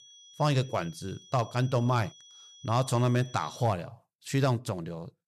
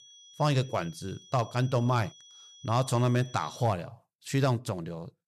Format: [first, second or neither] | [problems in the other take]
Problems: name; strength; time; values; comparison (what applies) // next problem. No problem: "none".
neither | high-pitched whine; faint; until 3.5 s; 3.5 kHz, 20 dB below the speech; the same in both